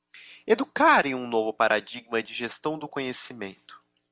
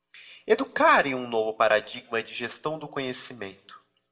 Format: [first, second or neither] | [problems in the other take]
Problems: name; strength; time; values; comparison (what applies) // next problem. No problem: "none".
first | room echo; dies away in 0.4 s